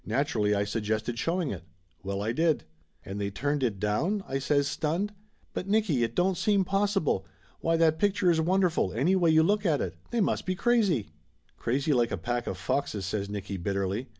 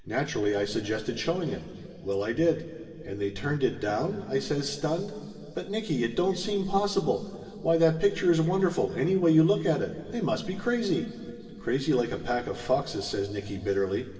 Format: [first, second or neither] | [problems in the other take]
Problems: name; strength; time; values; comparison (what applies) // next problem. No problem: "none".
first | room echo; dies away in 2.8 s